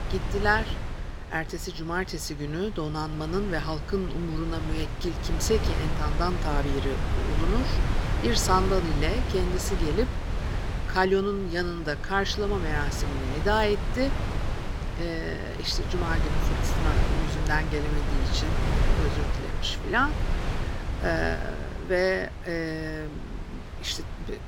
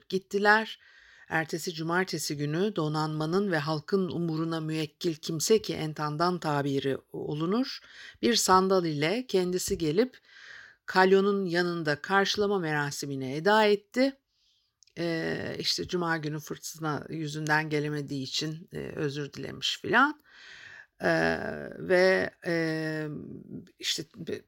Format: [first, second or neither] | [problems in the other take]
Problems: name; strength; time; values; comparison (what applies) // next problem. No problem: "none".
second | wind noise on the microphone; heavy; 7 dB below the speech